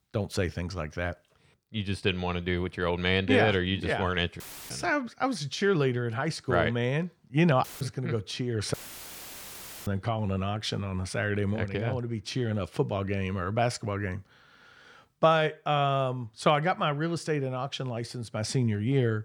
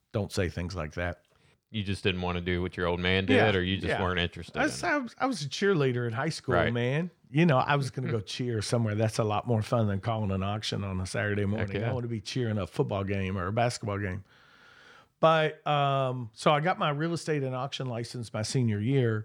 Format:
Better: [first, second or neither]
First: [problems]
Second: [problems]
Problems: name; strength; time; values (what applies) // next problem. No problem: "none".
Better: second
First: audio cutting out; filled with static; at 4.5 s, at 7.5 s and at 8.5 s for 1 s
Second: none